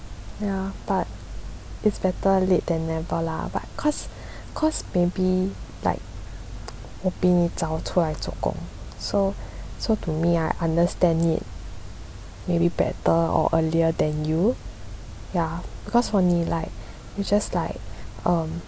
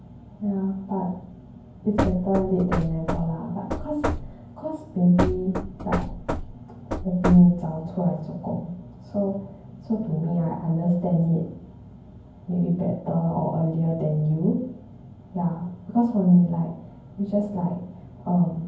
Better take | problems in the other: first | background sound (Knock / Wood); 4 dB below the speech // room echo; dies away in 0.9 s

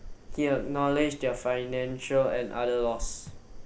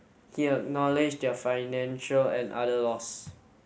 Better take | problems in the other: second | background sound (Fire); 11 dB below the speech

